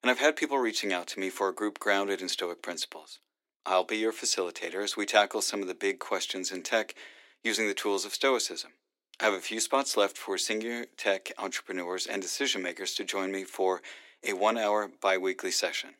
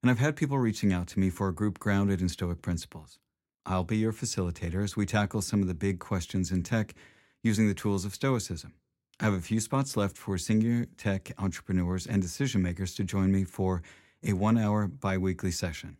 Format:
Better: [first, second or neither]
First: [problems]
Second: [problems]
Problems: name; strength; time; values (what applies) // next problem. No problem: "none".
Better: second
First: thin; very; fading below 300 Hz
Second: none